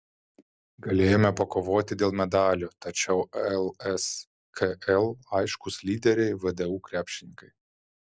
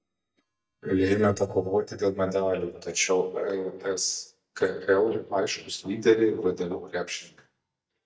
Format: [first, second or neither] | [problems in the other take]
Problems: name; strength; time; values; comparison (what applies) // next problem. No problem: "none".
first | noise reduction (neural mask model DeepFilterNet 3)